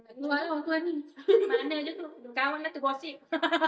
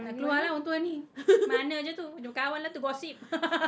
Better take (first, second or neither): second